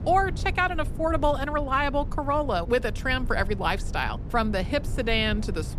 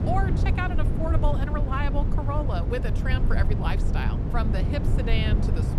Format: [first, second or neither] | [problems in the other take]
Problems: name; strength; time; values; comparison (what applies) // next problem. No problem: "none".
first | low rumble; loud; throughout; 5 dB below the speech; faint in the first